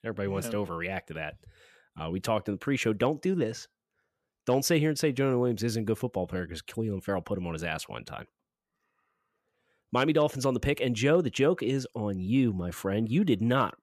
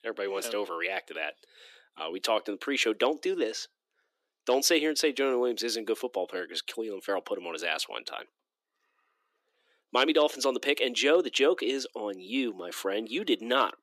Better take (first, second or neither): first